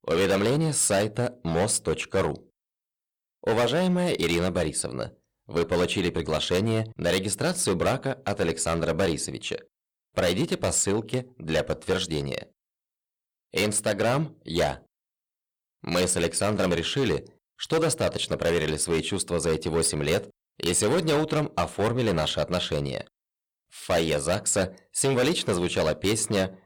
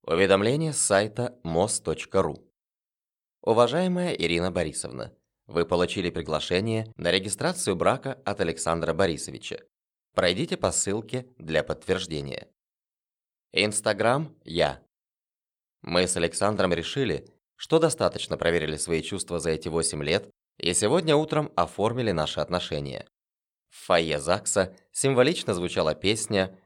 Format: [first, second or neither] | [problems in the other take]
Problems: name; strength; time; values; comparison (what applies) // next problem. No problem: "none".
second | distortion; heavy; 11% of the sound clipped